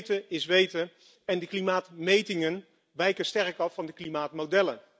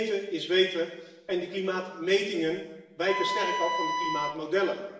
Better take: first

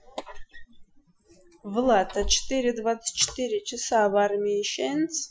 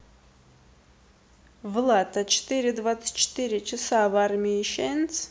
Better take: second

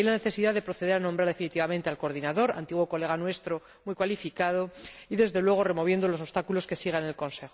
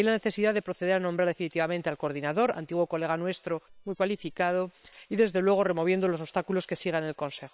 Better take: first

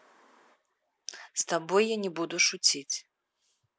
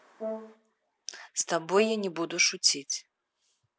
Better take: first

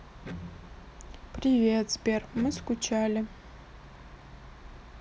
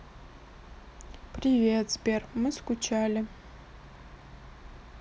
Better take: second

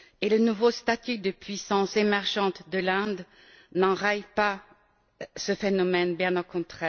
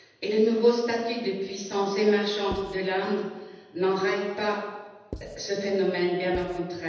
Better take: first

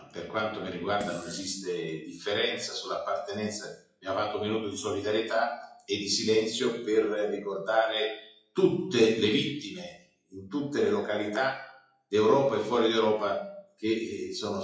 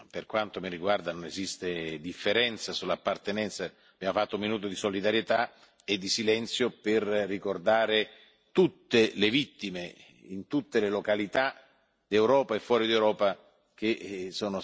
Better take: second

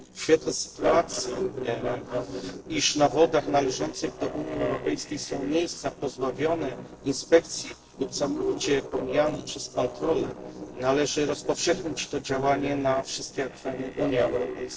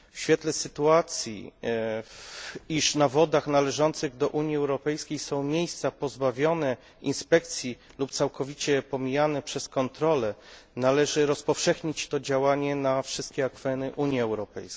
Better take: second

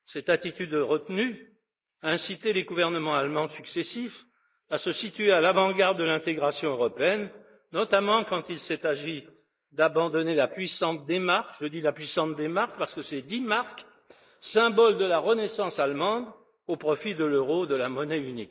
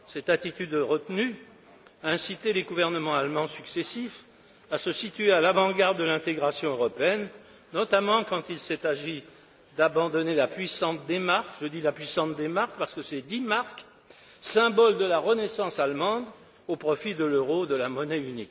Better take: second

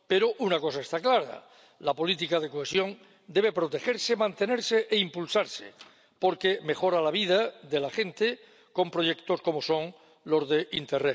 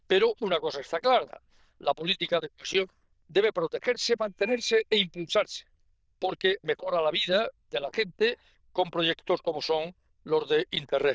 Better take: first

